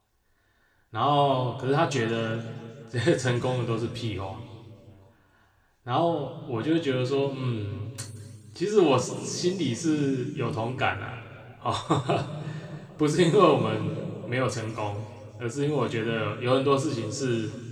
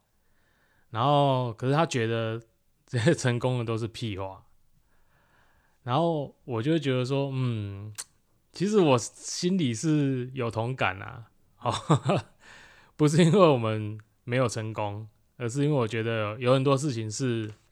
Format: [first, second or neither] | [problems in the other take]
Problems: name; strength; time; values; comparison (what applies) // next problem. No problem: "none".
second | room echo; slight; dies away in 2.1 s // off-mic speech; somewhat distant